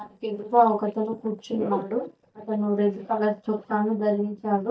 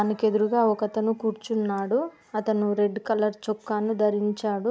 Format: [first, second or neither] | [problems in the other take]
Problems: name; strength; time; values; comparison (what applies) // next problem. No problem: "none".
second | noise reduction (neural mask model DeepFilterNet 3)